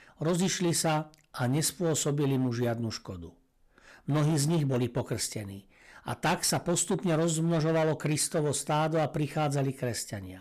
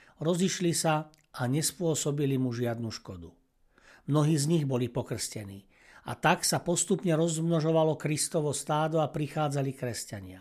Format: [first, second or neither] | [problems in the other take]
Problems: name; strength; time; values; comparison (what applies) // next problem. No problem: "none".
second | distortion; slight; 12% of the sound clipped